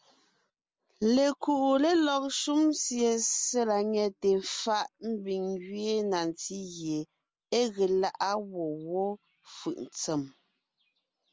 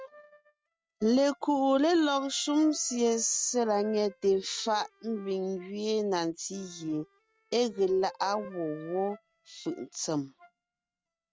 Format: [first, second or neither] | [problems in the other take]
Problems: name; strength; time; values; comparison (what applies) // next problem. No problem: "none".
first | noise reduction (neural mask model RNNoise)